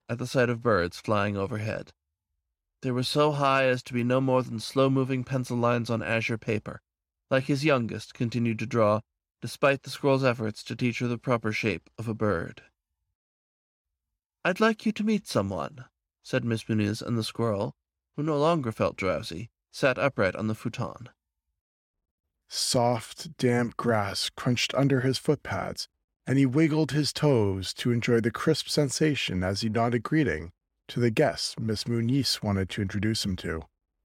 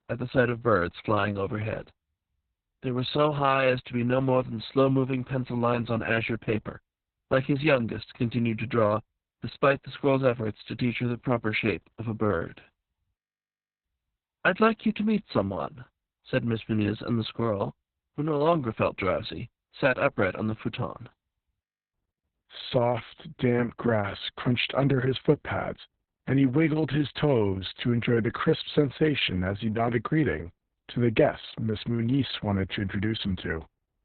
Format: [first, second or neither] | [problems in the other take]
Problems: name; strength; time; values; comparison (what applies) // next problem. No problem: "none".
first | garbled, watery; badly; nothing above 4 kHz